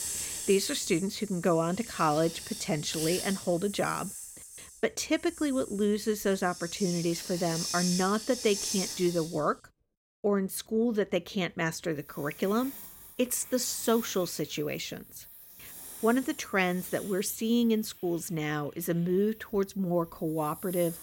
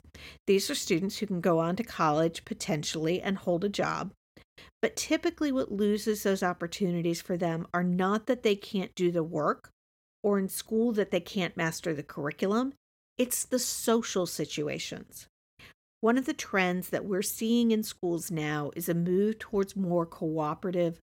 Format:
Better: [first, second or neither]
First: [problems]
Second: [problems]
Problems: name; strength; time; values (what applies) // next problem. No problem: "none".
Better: second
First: hiss; loud; throughout; 9 dB below the speech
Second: none